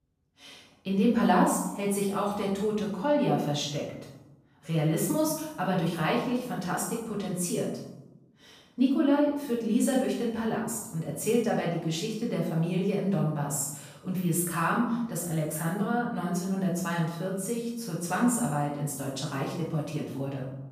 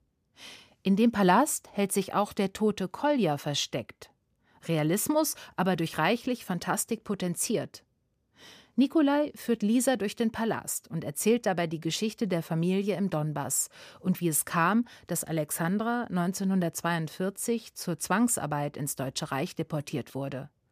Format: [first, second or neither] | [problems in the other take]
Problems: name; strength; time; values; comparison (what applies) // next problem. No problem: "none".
second | off-mic speech; far // room echo; noticeable; dies away in 0.8 s